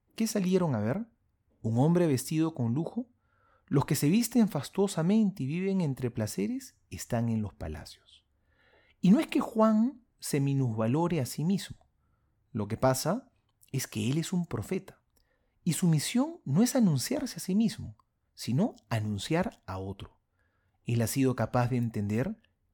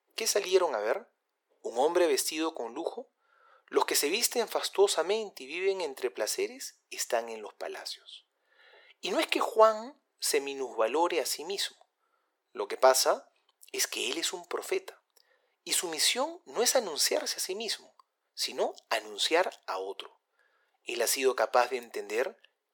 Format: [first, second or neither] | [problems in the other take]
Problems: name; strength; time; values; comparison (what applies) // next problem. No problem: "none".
first | thin; very; fading below 400 Hz